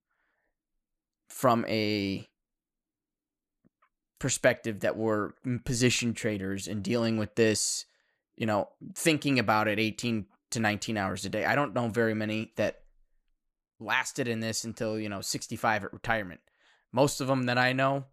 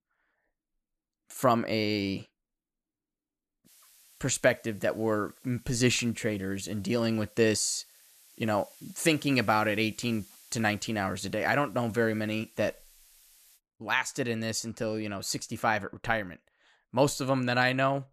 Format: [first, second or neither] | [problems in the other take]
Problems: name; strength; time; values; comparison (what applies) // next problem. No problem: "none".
first | hiss; faint; from 3.5 to 14 s; 25 dB below the speech